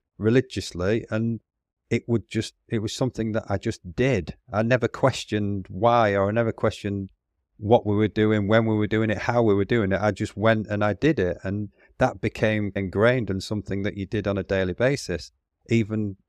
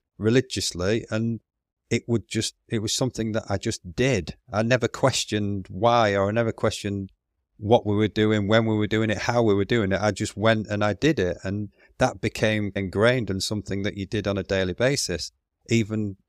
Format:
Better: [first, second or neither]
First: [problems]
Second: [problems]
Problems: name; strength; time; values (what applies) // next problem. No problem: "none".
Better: second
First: muffled; slightly; fading above 3.5 kHz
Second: none